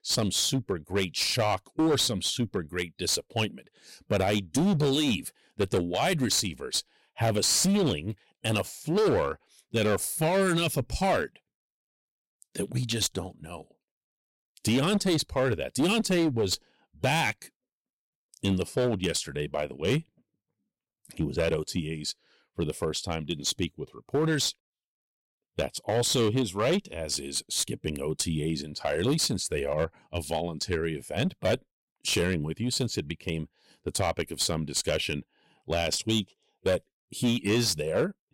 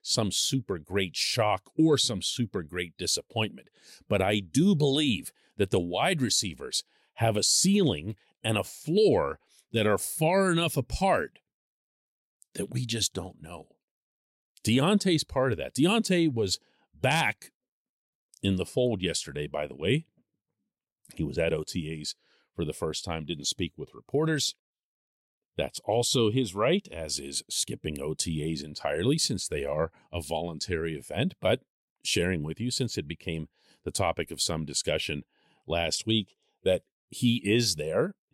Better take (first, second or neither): second